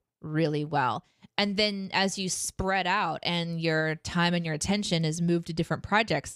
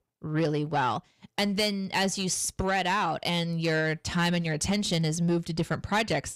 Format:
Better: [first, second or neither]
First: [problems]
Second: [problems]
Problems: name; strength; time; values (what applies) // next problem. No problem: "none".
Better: first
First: none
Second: distortion; slight; 10 dB below the speech